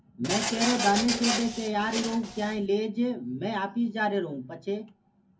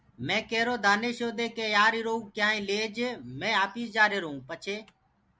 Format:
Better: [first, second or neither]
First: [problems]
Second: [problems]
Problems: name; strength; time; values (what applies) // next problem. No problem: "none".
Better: second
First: background sound (Printer); 3 dB below the speech // room echo; dies away in 0.3 s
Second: none